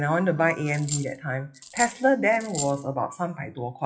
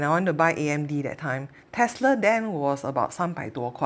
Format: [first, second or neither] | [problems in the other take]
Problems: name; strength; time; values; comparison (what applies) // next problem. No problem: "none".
second | noise reduction (classical method WPE with log-MMSE)